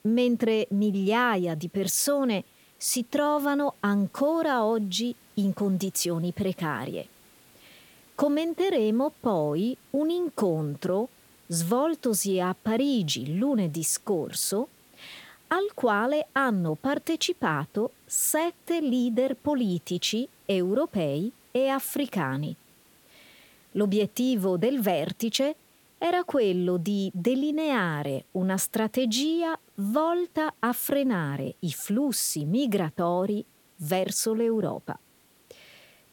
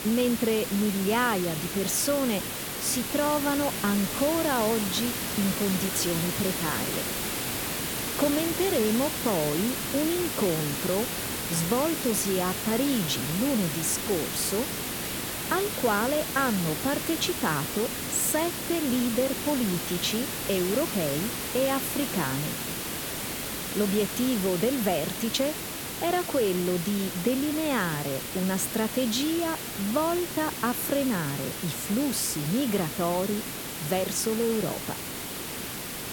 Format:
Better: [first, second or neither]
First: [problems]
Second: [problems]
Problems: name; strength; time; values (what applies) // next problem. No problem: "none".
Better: first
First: hiss; faint; throughout; 30 dB below the speech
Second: hiss; loud; throughout; 3 dB below the speech